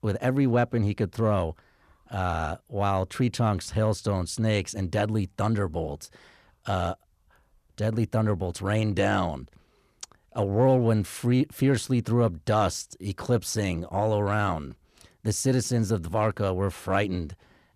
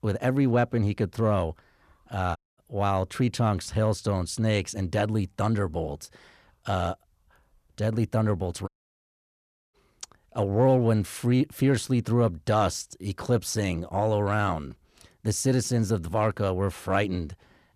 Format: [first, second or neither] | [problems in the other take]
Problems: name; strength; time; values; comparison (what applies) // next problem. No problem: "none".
first | audio cutting out; at 2.5 s and at 8.5 s for 1 s